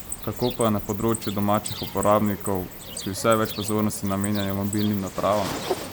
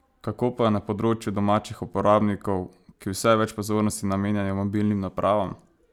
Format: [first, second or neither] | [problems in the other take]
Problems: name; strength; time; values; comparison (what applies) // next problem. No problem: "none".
second | background sound (Cricket); 9 dB below the speech